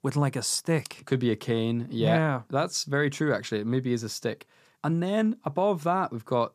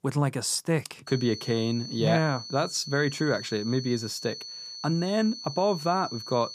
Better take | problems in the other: first | high-pitched whine; loud; from 1 s on; 4.5 kHz, 10 dB below the speech

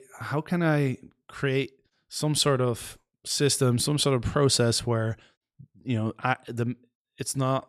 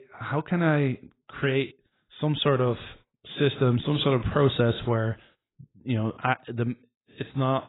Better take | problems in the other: first | garbled, watery; badly; nothing above 4 kHz

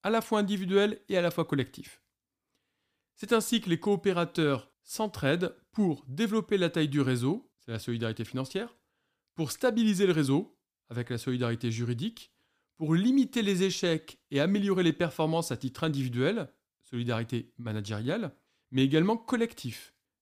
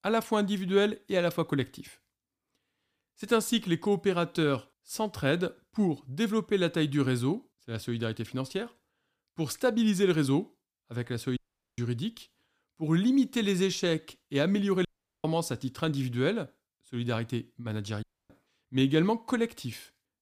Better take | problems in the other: first | audio cutting out; at 11 s, at 15 s and at 18 s

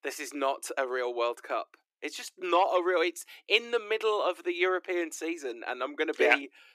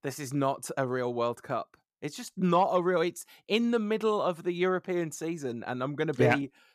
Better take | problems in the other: second | thin; very; fading below 300 Hz

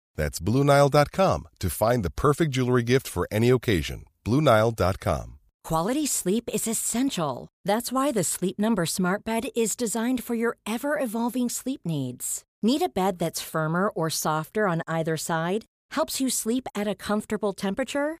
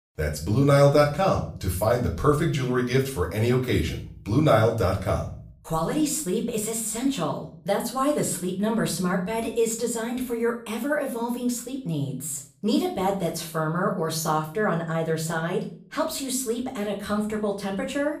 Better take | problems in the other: first | room echo; slight; dies away in 0.4 s // off-mic speech; far

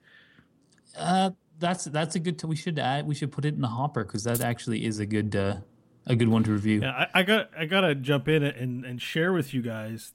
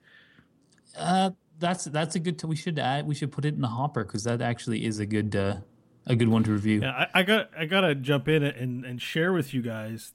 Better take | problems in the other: second | jangling keys; noticeable; at 4.5 s; peak 8 dB below the speech

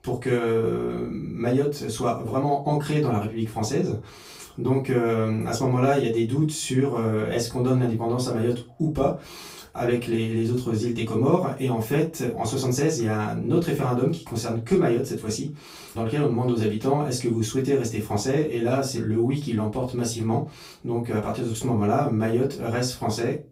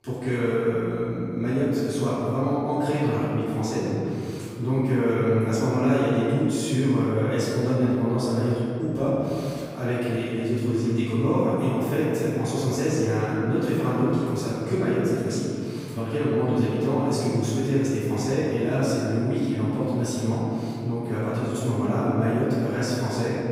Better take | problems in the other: first | room echo; strong; dies away in 2.4 s; slight in the first // off-mic speech; far; far in the first

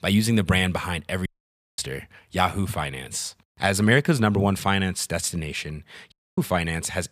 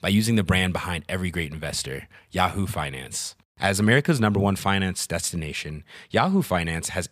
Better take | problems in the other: second | audio cutting out; at 1.5 s for 0.5 s and at 6 s

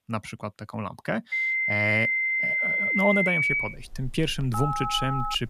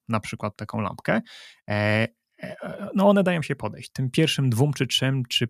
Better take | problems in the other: second | alarms or sirens; very loud; throughout; 5 dB above the speech

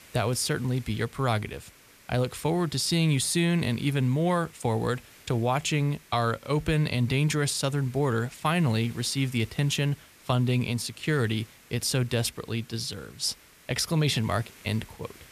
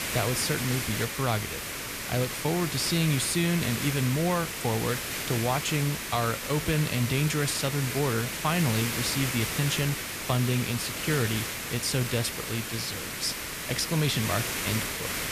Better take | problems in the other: first | hiss; loud; throughout; 3 dB below the speech; faint in the first

